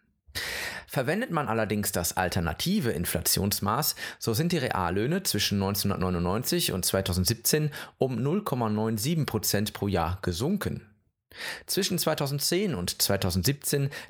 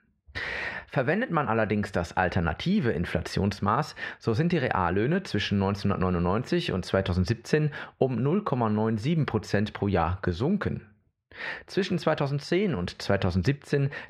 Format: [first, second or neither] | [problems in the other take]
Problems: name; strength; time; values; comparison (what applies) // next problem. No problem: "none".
first | muffled; slightly; fading above 2.5 kHz